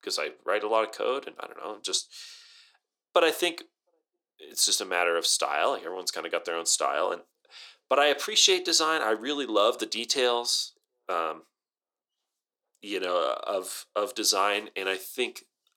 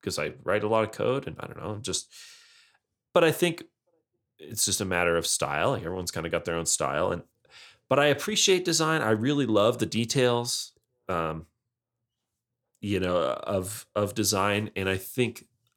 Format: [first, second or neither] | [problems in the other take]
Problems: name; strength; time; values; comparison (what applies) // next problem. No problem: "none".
second | thin; somewhat; fading below 350 Hz